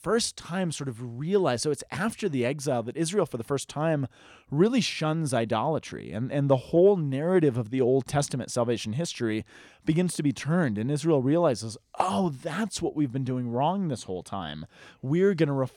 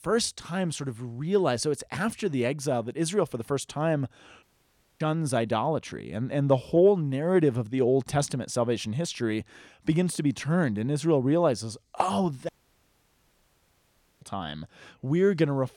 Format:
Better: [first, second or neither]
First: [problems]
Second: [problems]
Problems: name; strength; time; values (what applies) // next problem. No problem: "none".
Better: first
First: none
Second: audio cutting out; at 4.5 s for 0.5 s and at 12 s for 1.5 s